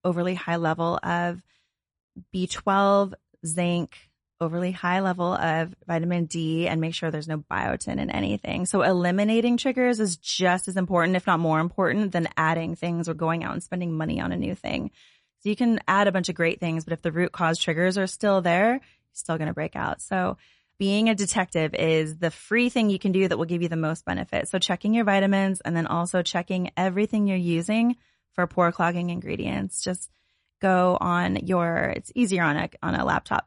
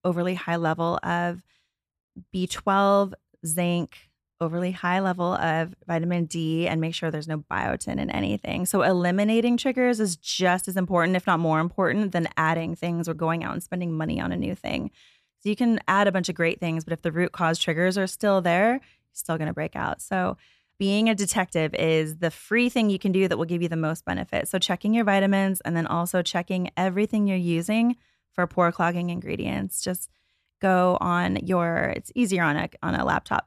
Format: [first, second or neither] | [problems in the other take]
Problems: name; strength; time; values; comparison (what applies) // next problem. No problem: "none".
second | garbled, watery; slightly; nothing above 10.5 kHz